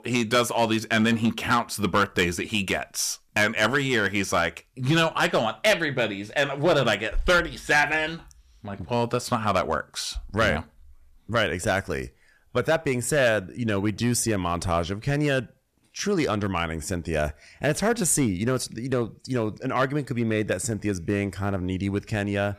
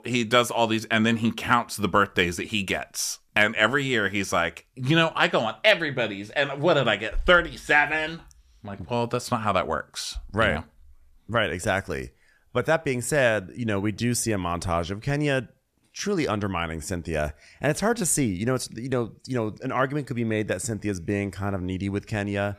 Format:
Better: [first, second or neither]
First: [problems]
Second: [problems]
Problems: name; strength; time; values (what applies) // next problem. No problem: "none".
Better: second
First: distortion; slight; 3% of the sound clipped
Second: none